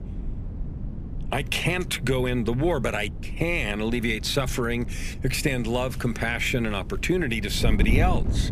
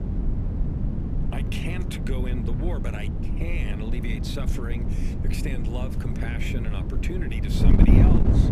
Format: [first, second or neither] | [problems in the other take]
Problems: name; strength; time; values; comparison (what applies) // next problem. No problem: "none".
first | wind noise on the microphone; heavy; 1 dB above the speech; occasional gusts in the first